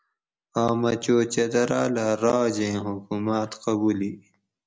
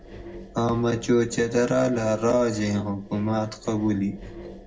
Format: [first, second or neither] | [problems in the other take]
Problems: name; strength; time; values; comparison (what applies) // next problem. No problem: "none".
first | background sound (Engine); 16 dB below the speech // room echo; dies away in 0.4 s